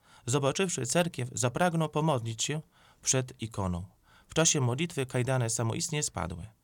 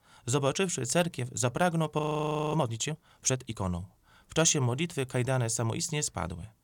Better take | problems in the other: first | audio freezing; at 2 s for 0.5 s

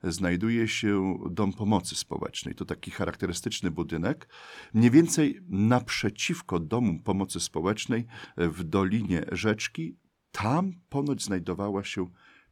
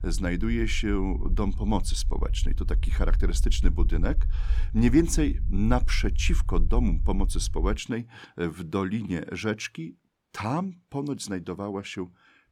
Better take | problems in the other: first | low rumble; noticeable; until 8 s; 20 dB below the speech

